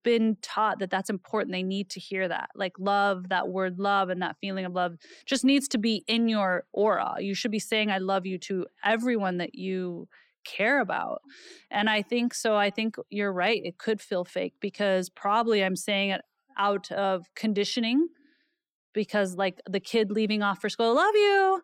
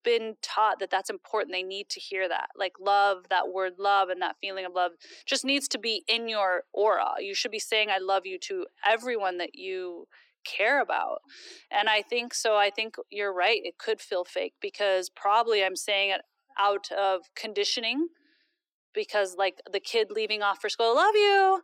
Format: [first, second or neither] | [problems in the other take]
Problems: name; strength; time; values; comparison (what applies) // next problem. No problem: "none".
first | thin; very; fading below 300 Hz